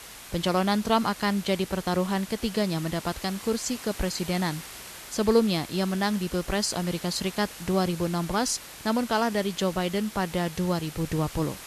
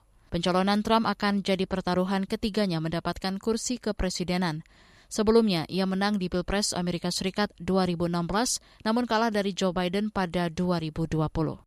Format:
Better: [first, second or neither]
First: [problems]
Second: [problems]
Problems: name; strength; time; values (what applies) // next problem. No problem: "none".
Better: second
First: hiss; noticeable; throughout; 15 dB below the speech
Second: none